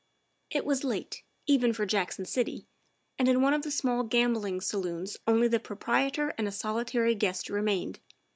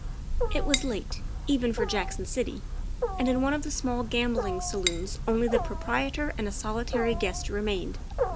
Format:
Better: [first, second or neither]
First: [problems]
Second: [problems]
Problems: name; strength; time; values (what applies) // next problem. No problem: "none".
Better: first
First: none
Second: background sound (Wild animals + Cutlery, silverware / Dishes, pots, and pans); 1 dB below the speech